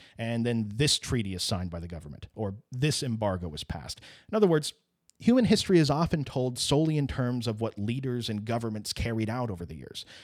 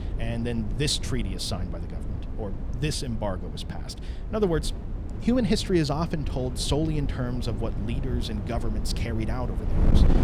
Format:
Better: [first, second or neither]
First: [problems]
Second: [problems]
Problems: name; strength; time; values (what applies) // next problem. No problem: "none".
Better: first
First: none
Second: wind noise on the microphone; occasional gusts; 10 dB below the speech